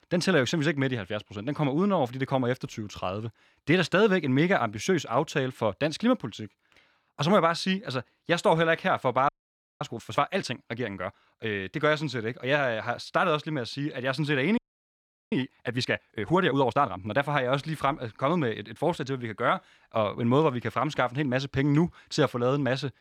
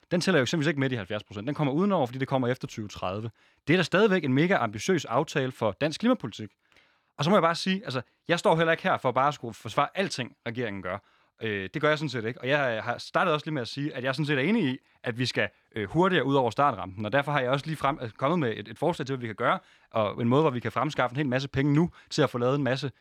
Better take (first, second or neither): second